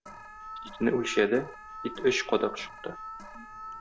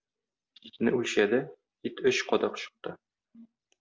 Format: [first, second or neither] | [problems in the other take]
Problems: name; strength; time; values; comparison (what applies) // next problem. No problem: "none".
second | background sound (Alarm); 12 dB below the speech